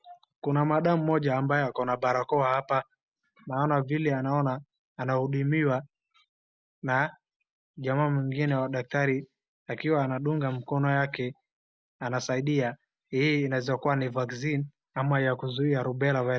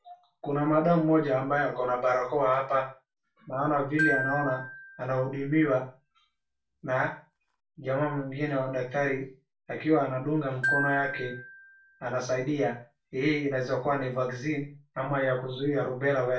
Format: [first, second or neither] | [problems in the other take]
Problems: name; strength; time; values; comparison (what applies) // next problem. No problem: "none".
first | background sound (Glockenspiel); 7 dB below the speech // room echo; dies away in 0.3 s